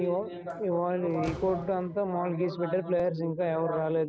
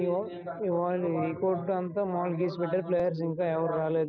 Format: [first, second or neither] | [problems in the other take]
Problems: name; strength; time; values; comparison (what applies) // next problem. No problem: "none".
second | background sound (Slam); 20 dB below the speech